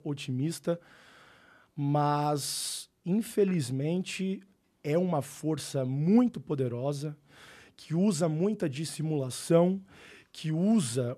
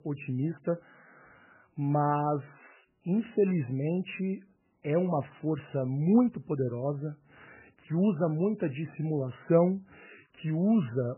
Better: first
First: none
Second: garbled, watery; badly; nothing above 3 kHz

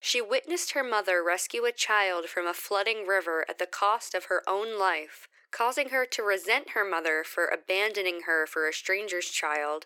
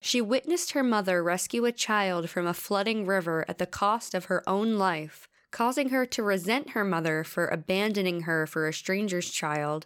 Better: second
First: thin; very; fading below 350 Hz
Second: none

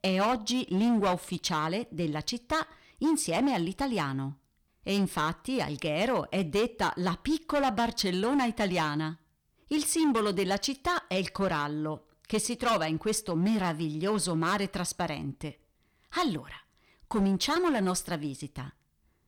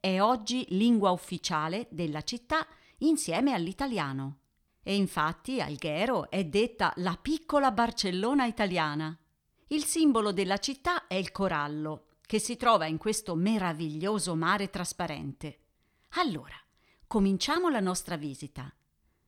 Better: second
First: distortion; slight; 8% of the sound clipped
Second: none

